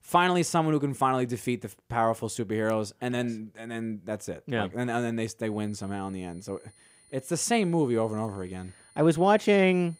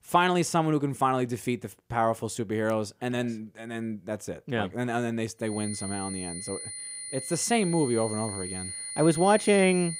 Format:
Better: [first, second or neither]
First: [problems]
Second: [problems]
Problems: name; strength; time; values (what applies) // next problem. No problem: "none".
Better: first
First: high-pitched whine; faint; from 5.5 s on; 9.5 kHz, 30 dB below the speech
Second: high-pitched whine; loud; from 5.5 s on; 9.5 kHz, 7 dB below the speech